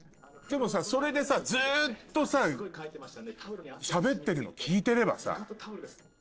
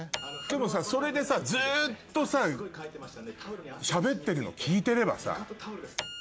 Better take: second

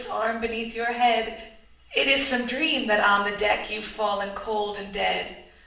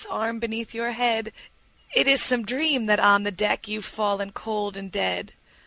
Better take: second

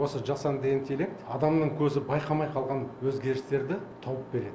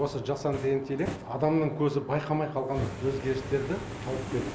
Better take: first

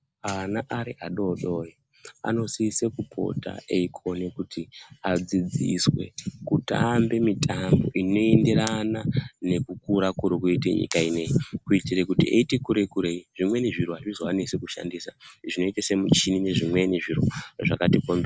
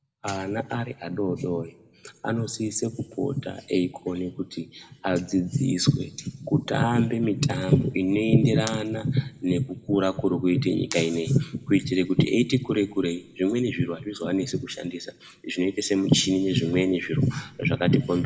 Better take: first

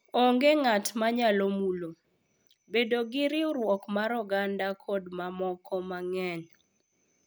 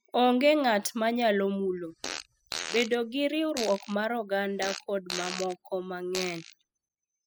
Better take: first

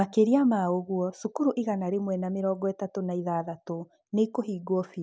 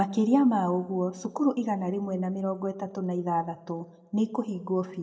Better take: first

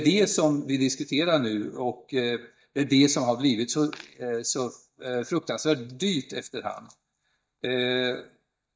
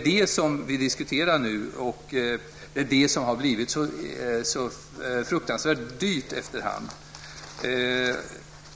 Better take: second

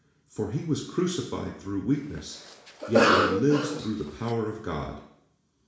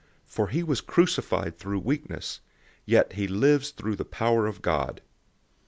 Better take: second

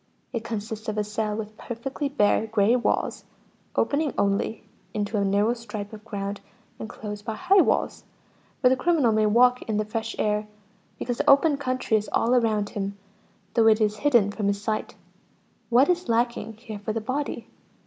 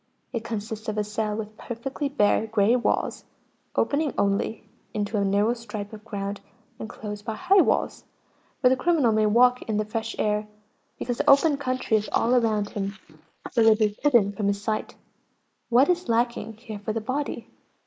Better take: first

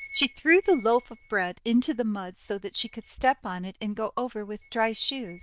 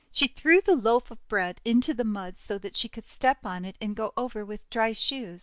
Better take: second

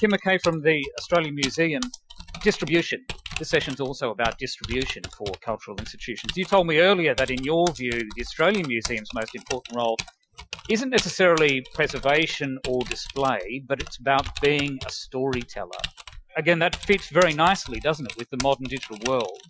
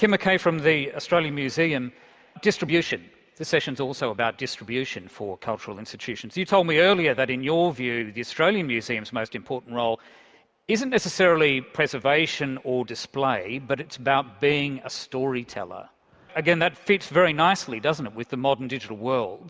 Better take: second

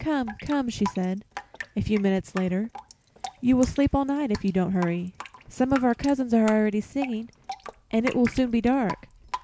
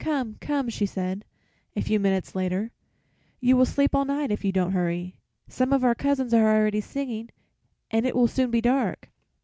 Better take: second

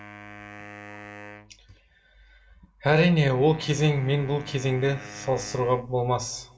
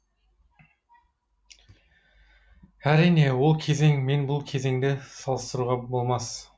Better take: second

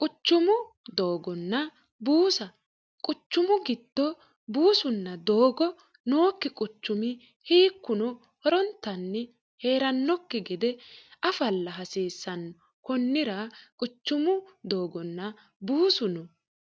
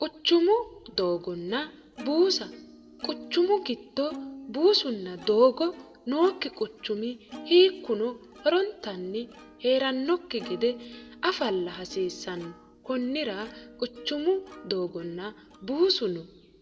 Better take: first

